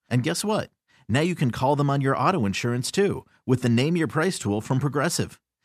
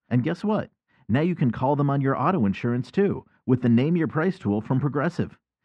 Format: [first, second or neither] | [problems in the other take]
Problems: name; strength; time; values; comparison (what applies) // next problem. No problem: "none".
first | muffled; very; fading above 2 kHz